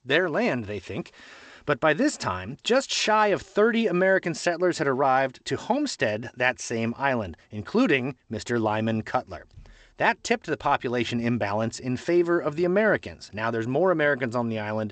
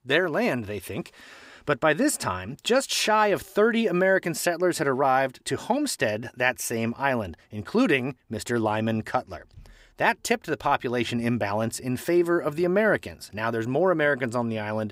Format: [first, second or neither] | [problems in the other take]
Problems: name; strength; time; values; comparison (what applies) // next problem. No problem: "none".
second | garbled, watery; slightly; nothing above 8 kHz